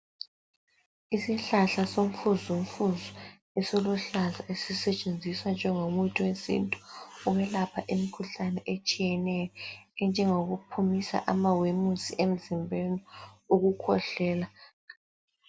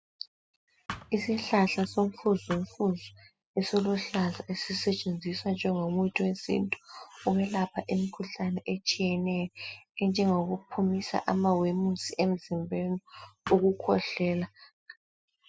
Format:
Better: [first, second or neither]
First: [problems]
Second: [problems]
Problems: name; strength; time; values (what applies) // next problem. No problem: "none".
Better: first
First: none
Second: noise reduction (classical method spectral subtraction)